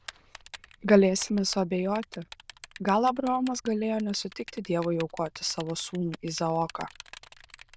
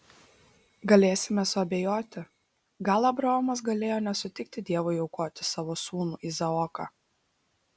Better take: second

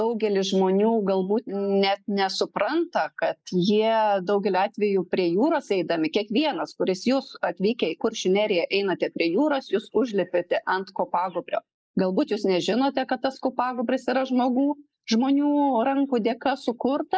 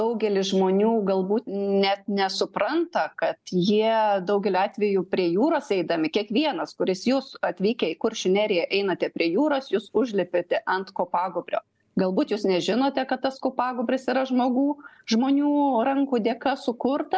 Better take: second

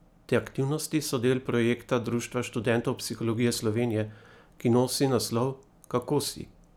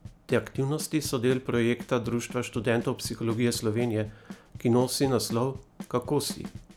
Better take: first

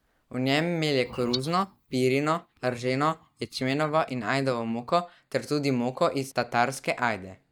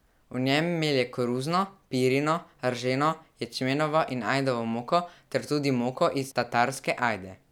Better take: second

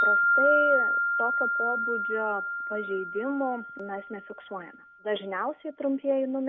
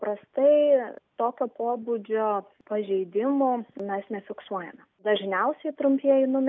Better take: second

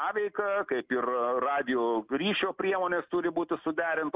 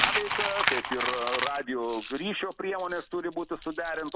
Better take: first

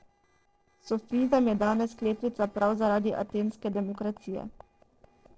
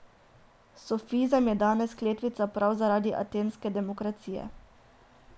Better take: second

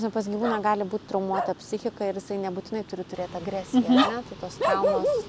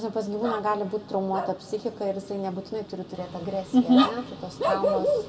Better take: first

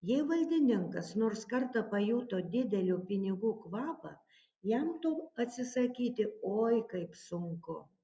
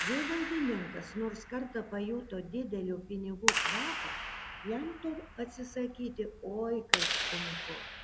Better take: first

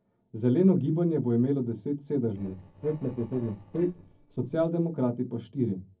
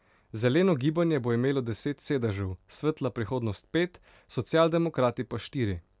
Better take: second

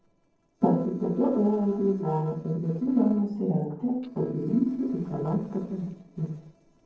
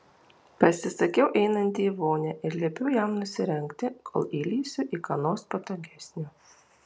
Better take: second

